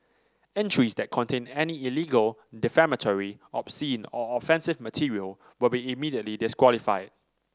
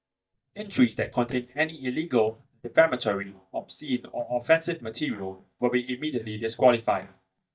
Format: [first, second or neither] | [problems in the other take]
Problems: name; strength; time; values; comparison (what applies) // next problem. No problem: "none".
first | noise reduction (neural mask model DeepFilterNet 3)